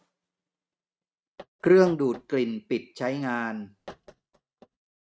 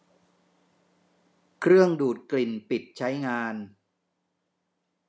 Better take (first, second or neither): second